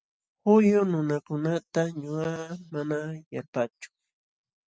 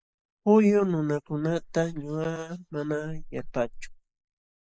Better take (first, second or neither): first